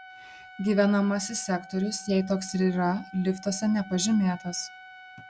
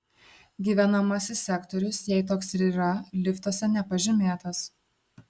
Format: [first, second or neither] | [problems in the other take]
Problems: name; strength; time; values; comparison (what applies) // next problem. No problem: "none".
second | background sound (Trumpet); 20 dB below the speech